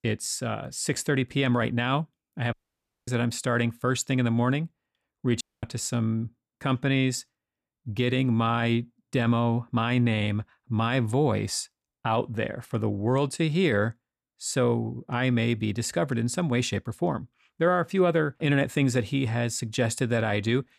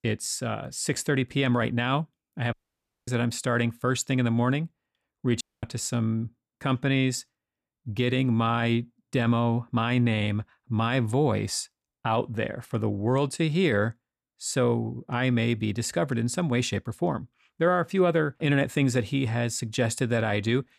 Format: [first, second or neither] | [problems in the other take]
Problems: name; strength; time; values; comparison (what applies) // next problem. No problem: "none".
neither | audio cutting out; at 2.5 s for 0.5 s and at 5.5 s; the same in both